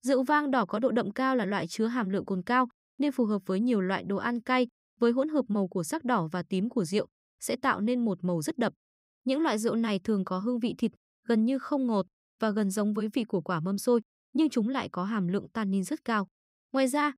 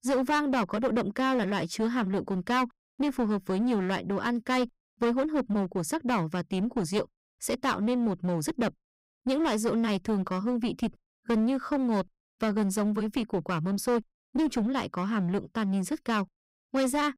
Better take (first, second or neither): first